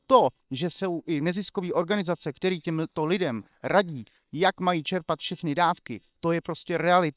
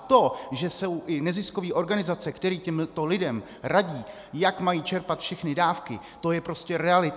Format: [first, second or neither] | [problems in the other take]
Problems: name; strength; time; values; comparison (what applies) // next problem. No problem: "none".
second | noise reduction (neural separator model SepFormer WHAM!)